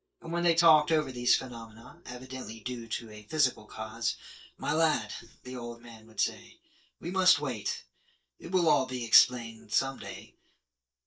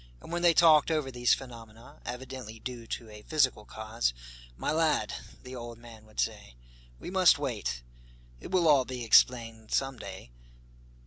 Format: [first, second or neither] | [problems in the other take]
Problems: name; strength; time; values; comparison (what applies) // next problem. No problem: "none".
second | noise reduction (neural mask model DeepFilterNet 3)